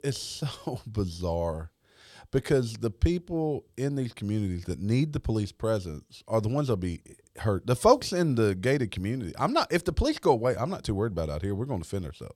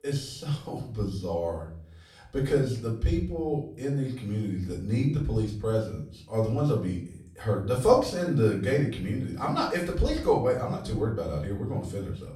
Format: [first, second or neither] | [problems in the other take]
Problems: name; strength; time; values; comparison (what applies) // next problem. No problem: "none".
first | room echo; slight; dies away in 0.5 s // off-mic speech; far